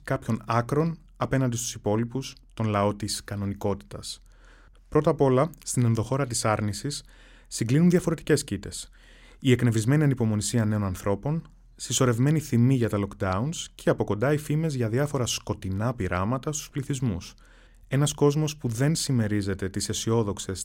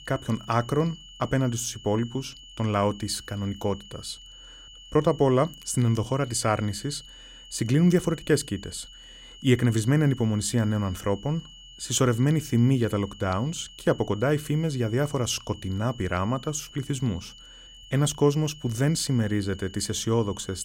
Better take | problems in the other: first | high-pitched whine; noticeable; throughout; 3 kHz, 20 dB below the speech

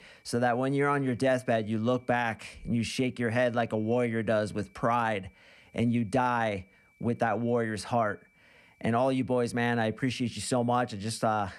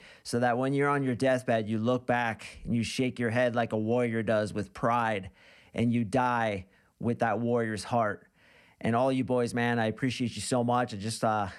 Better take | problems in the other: second | high-pitched whine; faint; throughout; 2.5 kHz, 35 dB below the speech

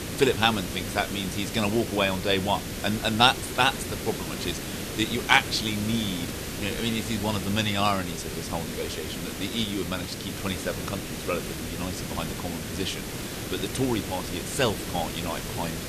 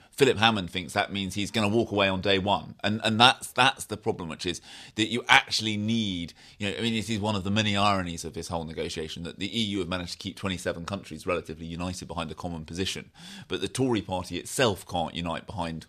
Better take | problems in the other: second | hiss; loud; throughout; 6 dB below the speech

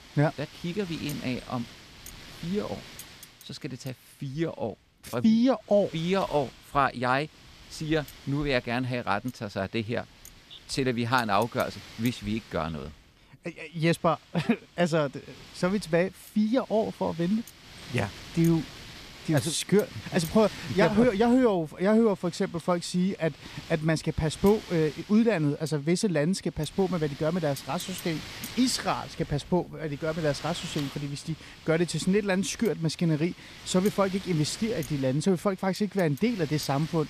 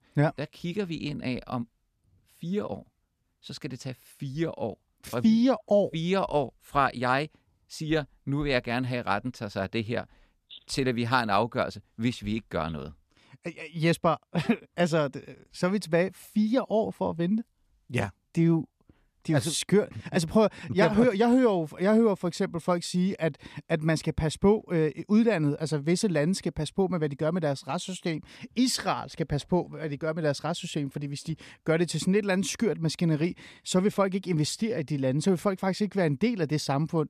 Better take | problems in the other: second | wind noise on the microphone; occasional gusts; 15 dB below the speech

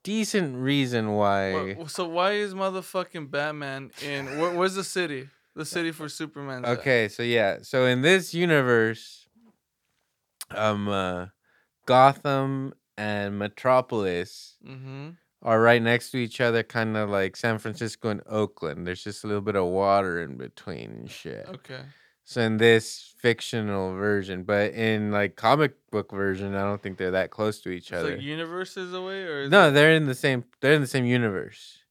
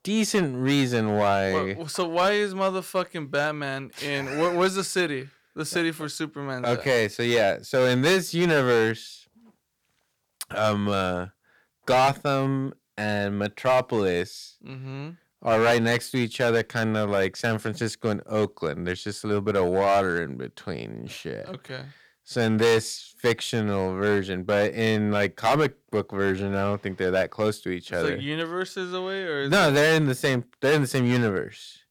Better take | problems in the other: first | distortion; heavy; 5% of the sound clipped

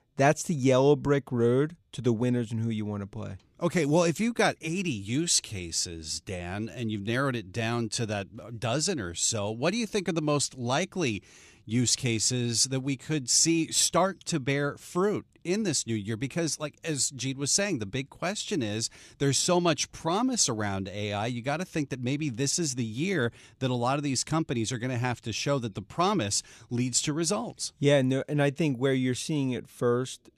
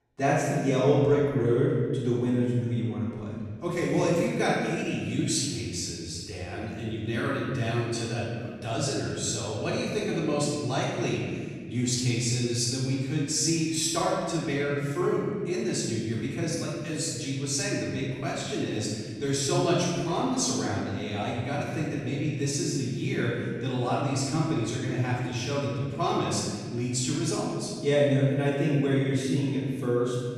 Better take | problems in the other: first | room echo; strong; dies away in 2 s // off-mic speech; far

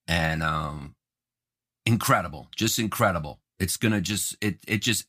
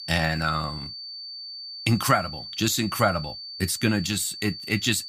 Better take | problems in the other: first | high-pitched whine; loud; throughout; 4.5 kHz, 10 dB below the speech

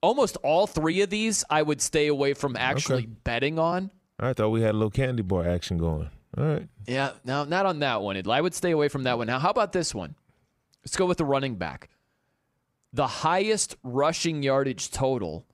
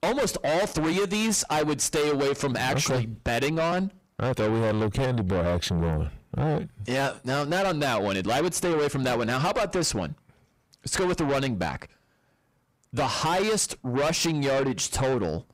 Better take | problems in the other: first | distortion; heavy; 6 dB below the speech

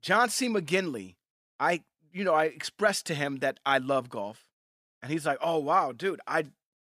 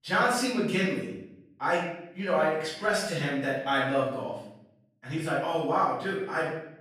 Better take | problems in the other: first | off-mic speech; far // room echo; noticeable; dies away in 0.7 s

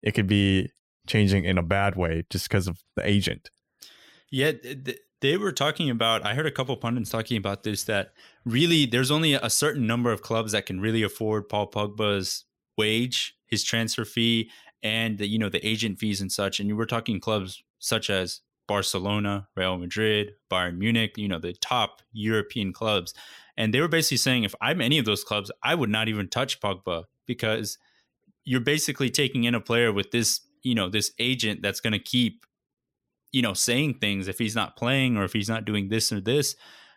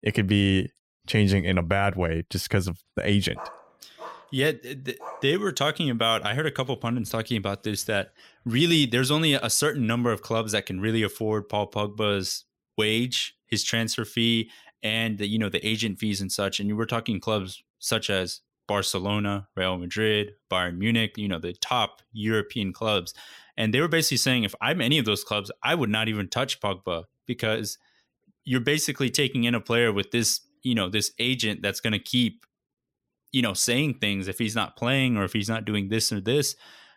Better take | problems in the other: first | dog barking; faint; from 3.5 to 5.5 s; peak 15 dB below the speech

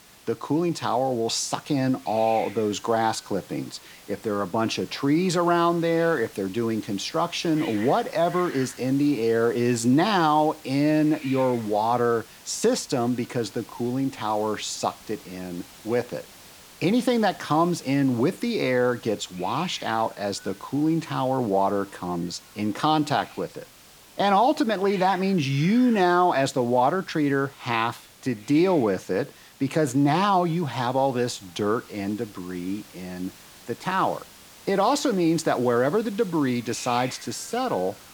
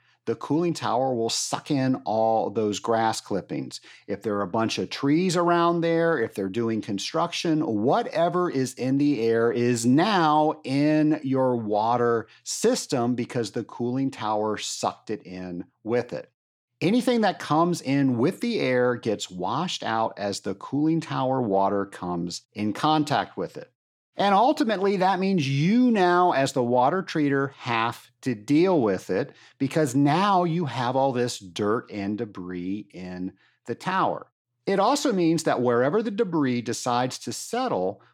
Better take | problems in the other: second | hiss; faint; throughout; 20 dB below the speech

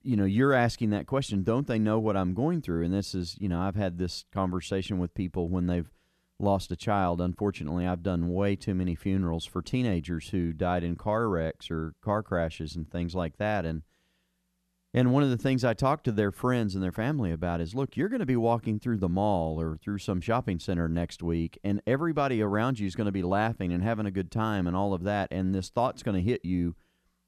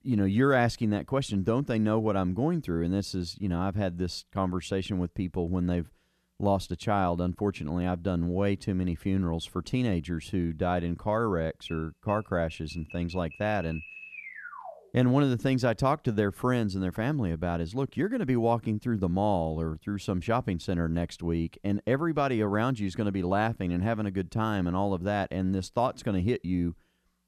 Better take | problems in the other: first | alarm; faint; from 12 to 15 s; peak 10 dB below the speech

